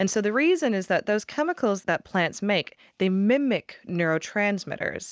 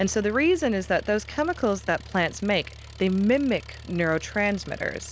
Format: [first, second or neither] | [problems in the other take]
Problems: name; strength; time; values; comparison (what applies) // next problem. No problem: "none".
first | background sound (Engine); 17 dB below the speech